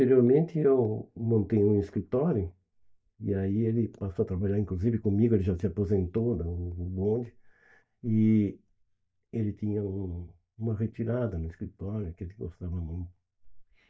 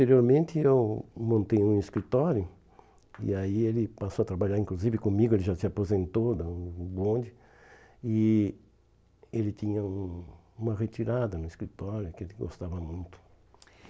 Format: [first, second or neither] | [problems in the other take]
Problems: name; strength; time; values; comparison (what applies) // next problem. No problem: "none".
second | noise reduction (neural mask model DeepFilterNet 3)